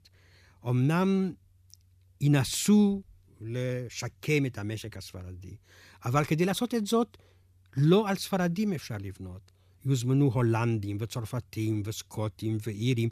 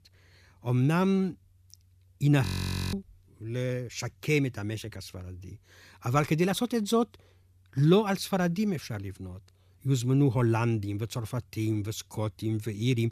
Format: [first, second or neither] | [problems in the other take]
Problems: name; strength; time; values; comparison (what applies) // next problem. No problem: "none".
first | audio freezing; at 2.5 s